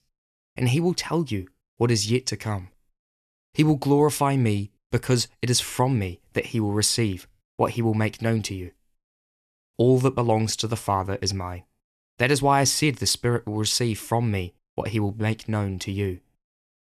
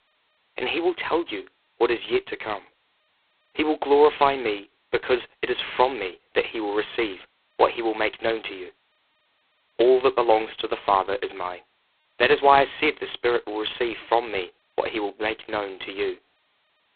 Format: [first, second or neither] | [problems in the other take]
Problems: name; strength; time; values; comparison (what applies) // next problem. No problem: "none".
first | phone-call audio; poor line; nothing above 4 kHz